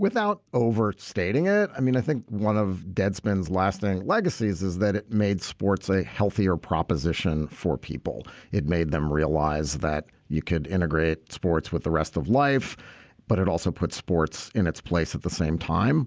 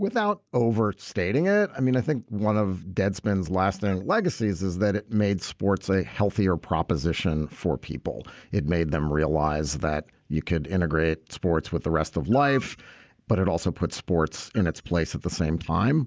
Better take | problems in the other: first | noise reduction (neural mask model DeepFilterNet 3)

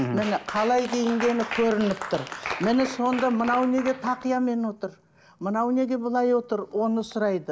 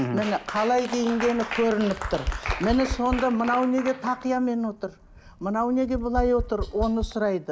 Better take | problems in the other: first | background sound (Tap); 10 dB below the speech

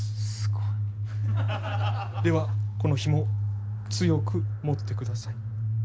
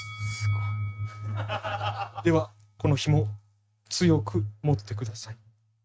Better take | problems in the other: first | noise reduction (neural mask model RNNoise)

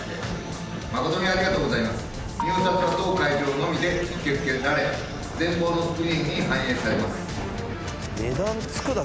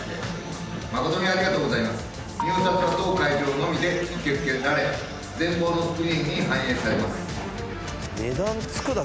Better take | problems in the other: second | background sound (Wind); 13 dB below the speech

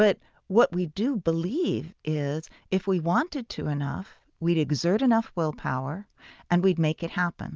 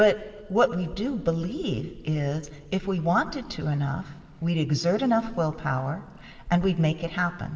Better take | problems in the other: first | background sound (Water); 20 dB below the speech // room echo; dies away in 2.6 s

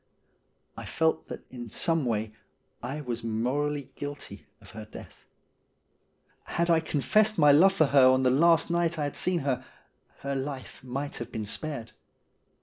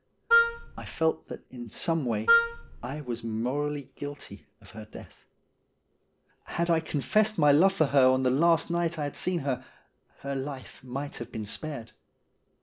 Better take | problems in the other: first | background sound (Wind instrument, woodwind instrument); 2 dB above the speech

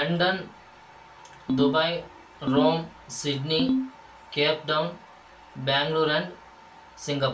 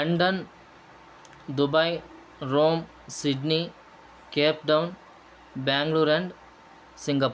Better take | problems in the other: second | background sound (Ringtone); 1 dB below the speech // room echo; dies away in 0.2 s

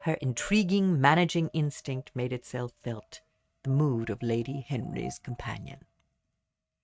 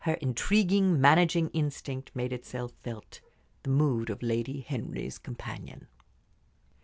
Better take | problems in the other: second | noise reduction (neural mask model RNNoise)

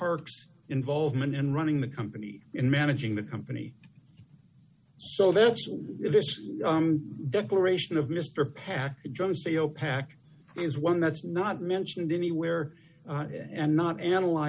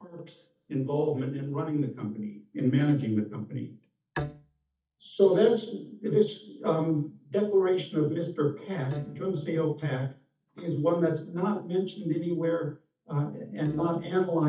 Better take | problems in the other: first | noise reduction (neural mask model DeepFilterNet 3)

